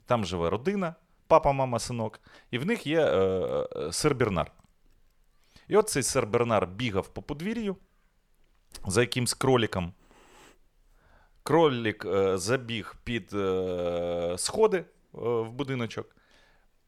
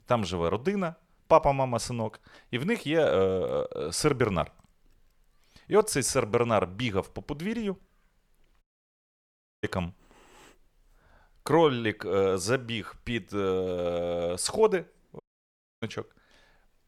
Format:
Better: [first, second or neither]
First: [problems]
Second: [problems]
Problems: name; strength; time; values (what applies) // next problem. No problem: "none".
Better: first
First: none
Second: audio cutting out; at 8.5 s for 1 s and at 15 s for 0.5 s